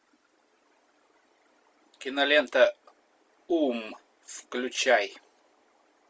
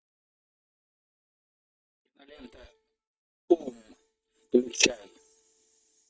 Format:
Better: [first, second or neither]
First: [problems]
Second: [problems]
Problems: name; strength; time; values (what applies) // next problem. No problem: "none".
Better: first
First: none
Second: noise reduction (neural mask model DeepFilterNet 3)